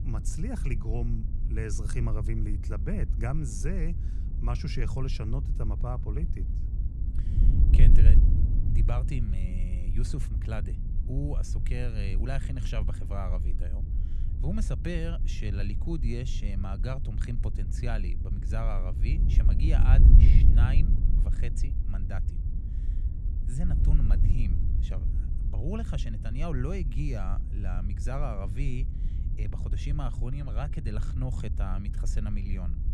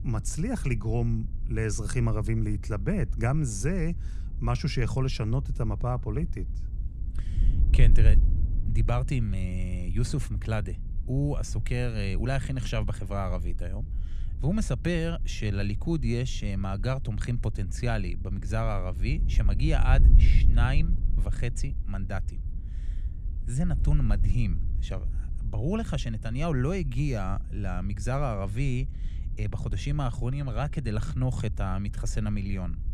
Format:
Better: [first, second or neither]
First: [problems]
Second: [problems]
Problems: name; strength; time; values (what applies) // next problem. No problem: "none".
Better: second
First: wind noise on the microphone; heavy; 5 dB below the speech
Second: wind noise on the microphone; occasional gusts; 15 dB below the speech